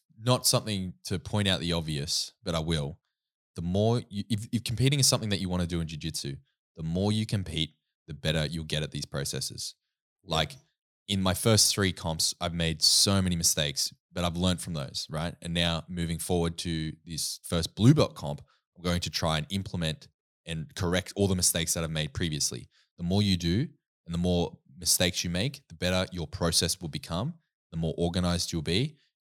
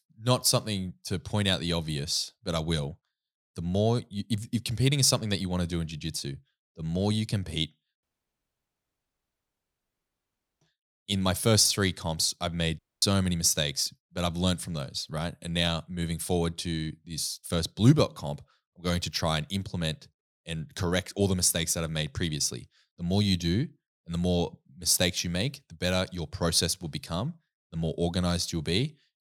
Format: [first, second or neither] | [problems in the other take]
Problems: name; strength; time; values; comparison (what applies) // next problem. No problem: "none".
first | audio cutting out; at 8 s for 2.5 s and at 13 s